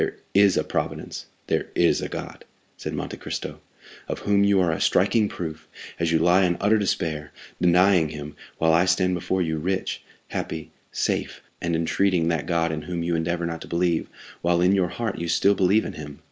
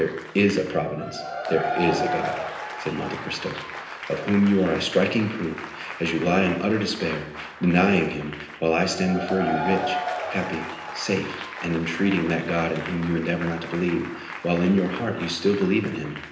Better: first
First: none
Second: background sound (Applause / Crowd / Cheering); 9 dB below the speech // room echo; dies away in 0.9 s

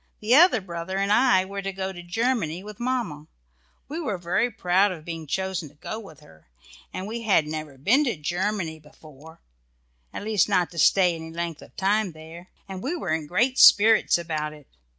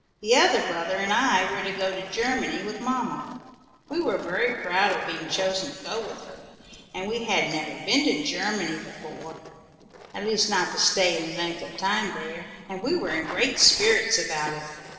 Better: first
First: none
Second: noise reduction (neural separator model SepFormer DNS4)

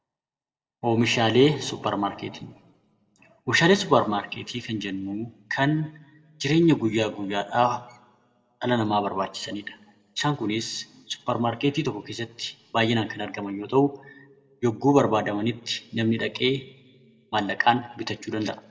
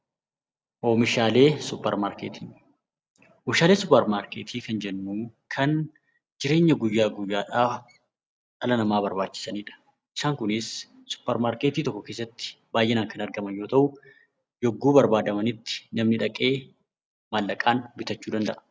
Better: second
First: room echo; dies away in 1 s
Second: none

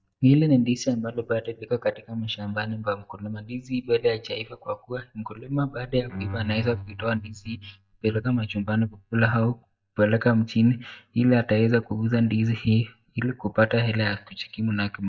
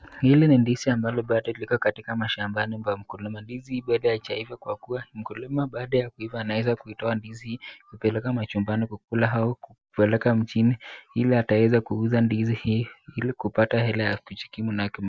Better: second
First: noise reduction (neural mask model DeepFilterNet 3)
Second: none

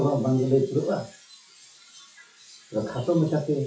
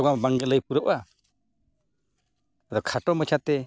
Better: second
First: noise reduction (classical method WPE with log-MMSE)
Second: none

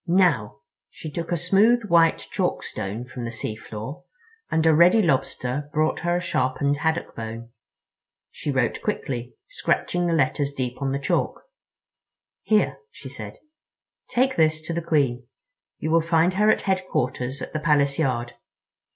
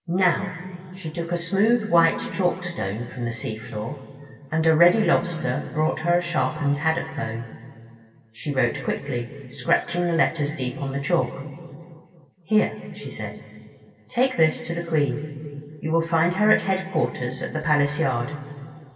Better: first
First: none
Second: room echo; dies away in 2.4 s

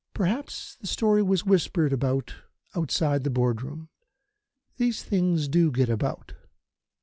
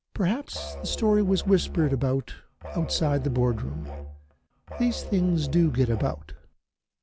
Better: first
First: none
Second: background sound (Musical instrument); 10 dB below the speech

